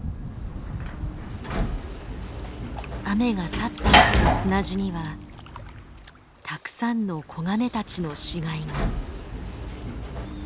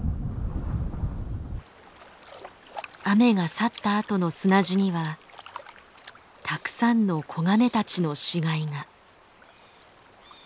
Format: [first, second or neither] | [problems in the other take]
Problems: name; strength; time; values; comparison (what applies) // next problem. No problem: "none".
second | background sound (Sliding door / Slam); 3 dB above the speech